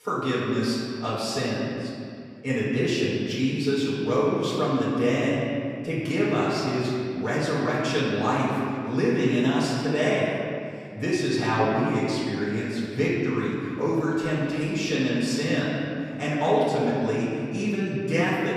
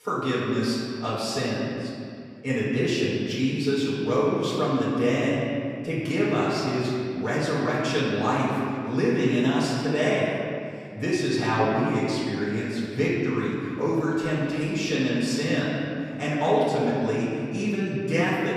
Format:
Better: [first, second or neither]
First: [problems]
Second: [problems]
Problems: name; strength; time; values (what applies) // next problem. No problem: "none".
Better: neither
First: off-mic speech; far // room echo; strong; dies away in 2.2 s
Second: off-mic speech; far // room echo; strong; dies away in 2.2 s